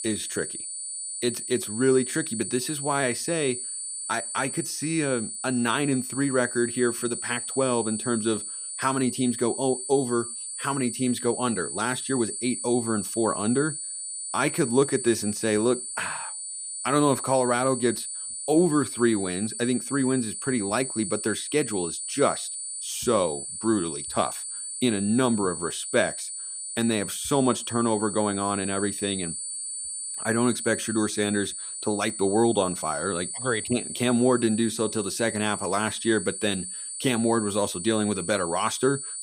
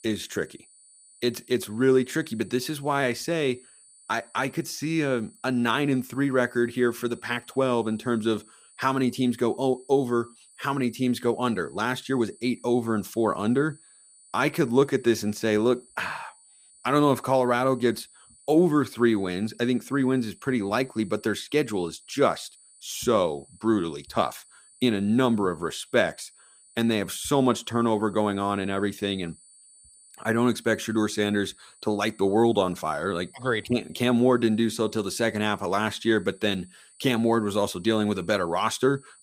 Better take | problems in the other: second | high-pitched whine; loud; throughout; 9 kHz, 5 dB below the speech; faint in the second

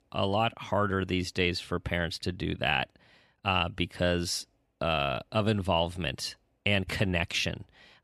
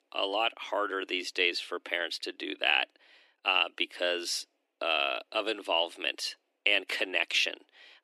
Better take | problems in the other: first | thin; very; fading below 300 Hz

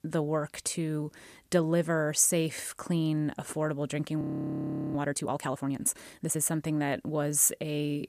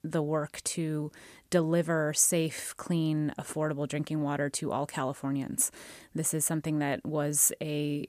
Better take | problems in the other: second | audio freezing; at 4 s for 0.5 s

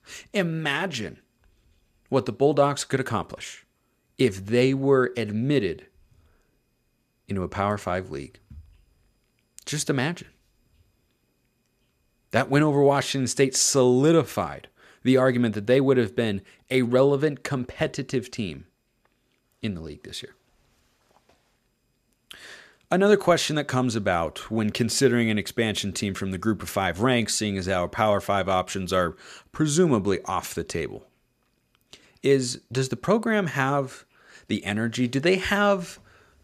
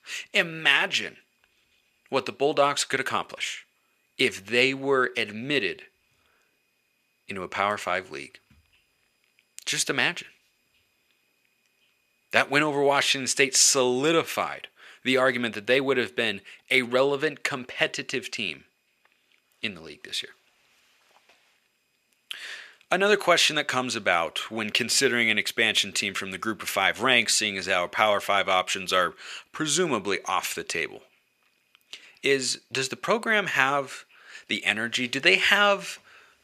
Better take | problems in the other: first | thin; somewhat; fading below 750 Hz

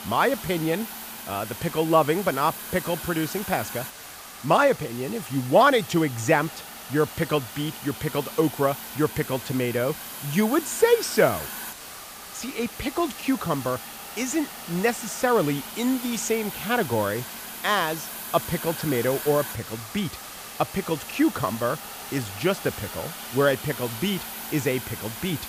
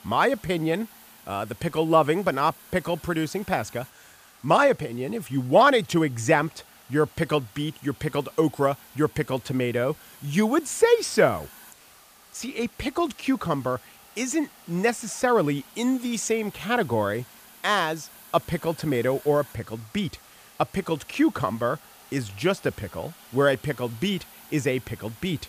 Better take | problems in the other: second | hiss; loud; throughout; 10 dB below the speech; faint in the second

